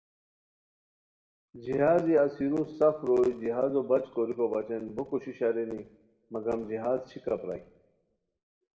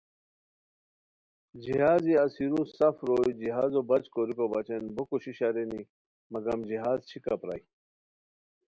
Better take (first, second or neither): second